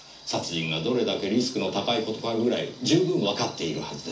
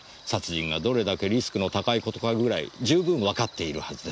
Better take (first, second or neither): second